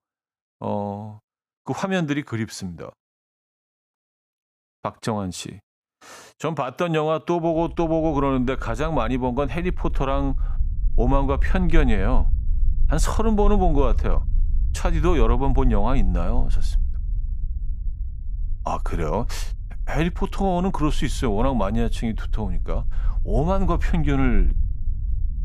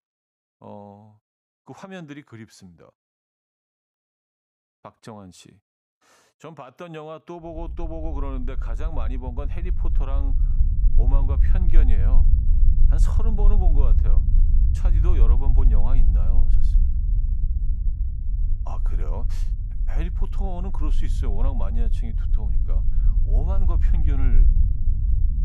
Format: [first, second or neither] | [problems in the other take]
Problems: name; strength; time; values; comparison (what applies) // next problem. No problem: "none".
first | low rumble; loud; from 7.5 s on; 5 dB below the speech; faint in the first